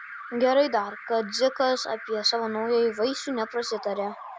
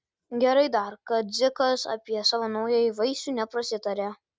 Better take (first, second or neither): second